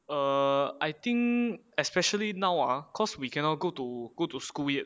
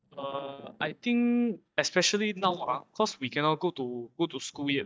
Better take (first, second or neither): first